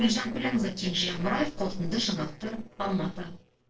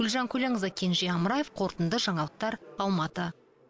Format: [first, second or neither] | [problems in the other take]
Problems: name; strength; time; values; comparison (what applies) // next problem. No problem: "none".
second | noise reduction (neural separator model SepFormer DNS4)